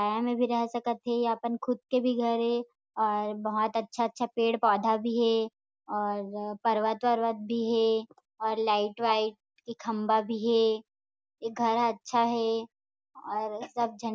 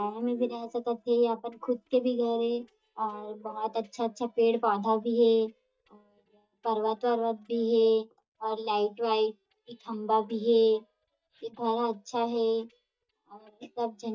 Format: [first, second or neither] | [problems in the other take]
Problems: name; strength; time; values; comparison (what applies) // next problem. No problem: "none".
first | noise reduction (neural mask model DeepFilterNet 3)